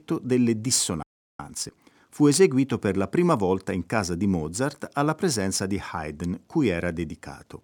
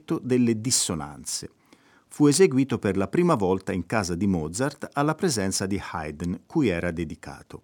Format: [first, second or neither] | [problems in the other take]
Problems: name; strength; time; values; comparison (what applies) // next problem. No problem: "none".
second | audio freezing; at 1 s